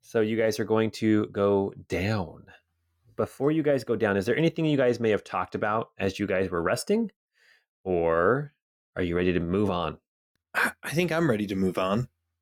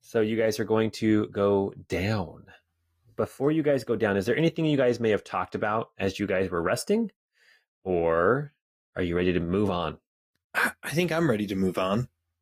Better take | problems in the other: first | garbled, watery; slightly; nothing above 14.5 kHz

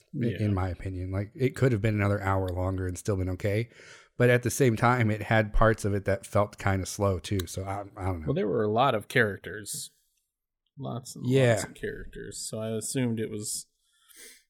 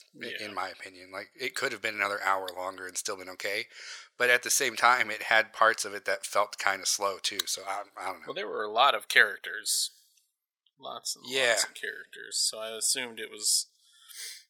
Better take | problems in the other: first | thin; very; fading below 900 Hz

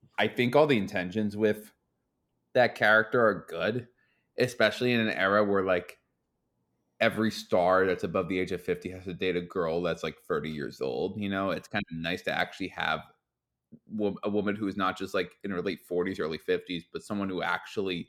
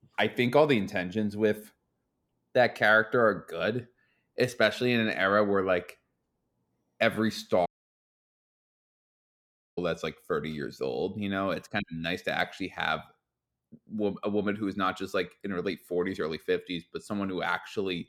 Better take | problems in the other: first | audio cutting out; at 7.5 s for 2 s

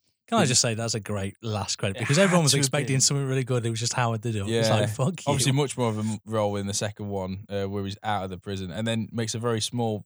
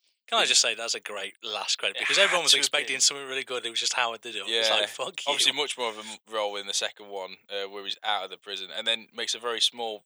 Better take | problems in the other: first | thin; very; fading below 400 Hz

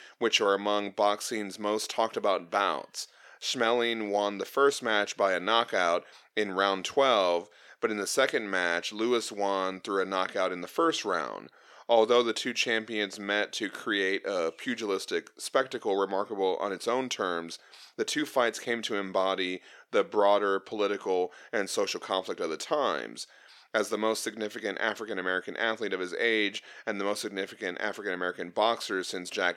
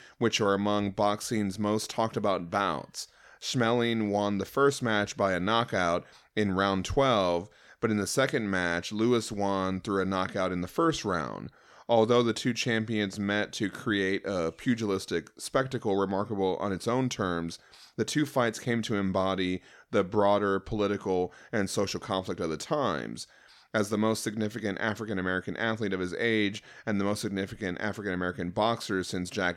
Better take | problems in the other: second | thin; somewhat; fading below 400 Hz

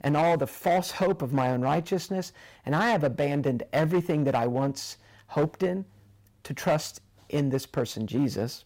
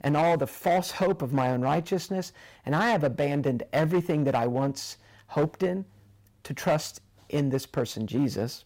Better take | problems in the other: neither | distortion; slight; 6% of the sound clipped; the same in both

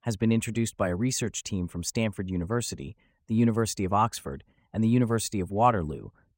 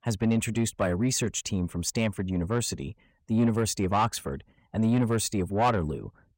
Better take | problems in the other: first | distortion; slight; 10 dB below the speech

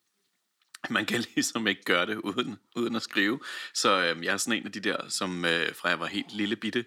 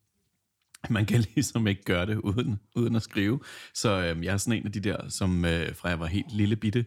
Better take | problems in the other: second | thin; somewhat; fading below 250 Hz

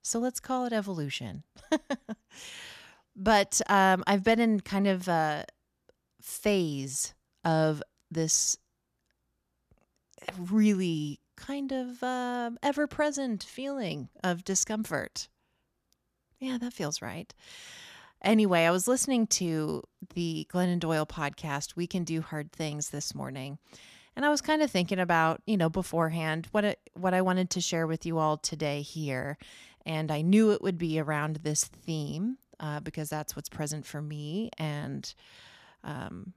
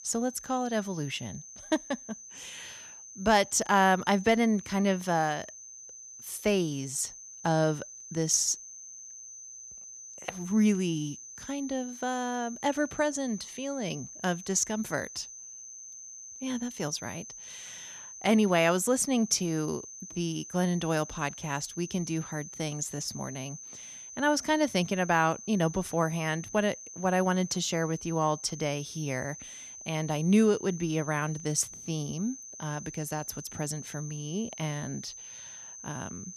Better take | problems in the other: first | high-pitched whine; noticeable; throughout; 6 kHz, 15 dB below the speech

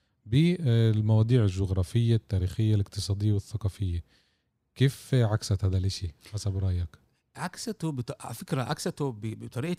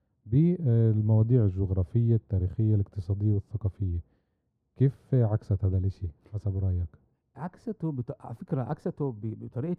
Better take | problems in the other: first | muffled; very; fading above 1.5 kHz

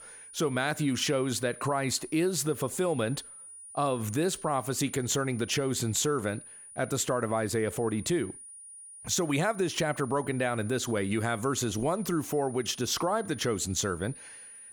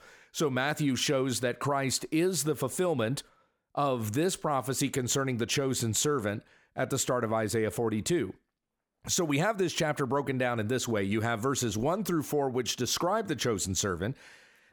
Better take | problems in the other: second | high-pitched whine; noticeable; throughout; 9.5 kHz, 15 dB below the speech

